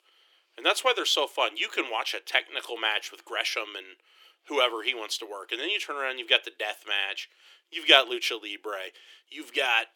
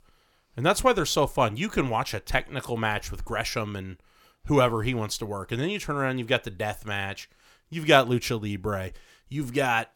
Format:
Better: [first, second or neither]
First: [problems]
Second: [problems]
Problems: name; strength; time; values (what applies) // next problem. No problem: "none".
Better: second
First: thin; very; fading below 350 Hz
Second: none